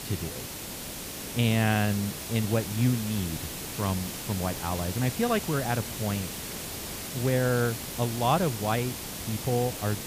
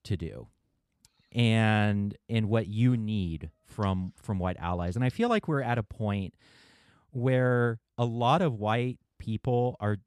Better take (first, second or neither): second